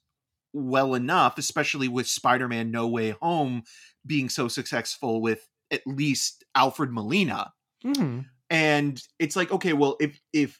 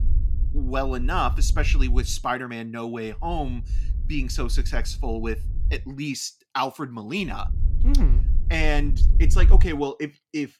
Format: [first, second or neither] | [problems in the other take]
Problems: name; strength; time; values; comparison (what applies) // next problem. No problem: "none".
first | low rumble; noticeable; until 2 s, from 3 to 6 s and from 7.5 to 9.5 s; 15 dB below the speech